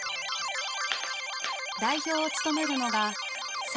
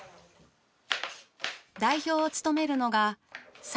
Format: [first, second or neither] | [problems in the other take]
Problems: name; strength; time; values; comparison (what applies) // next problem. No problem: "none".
second | background sound (Keyboard (musical)); as loud as the speech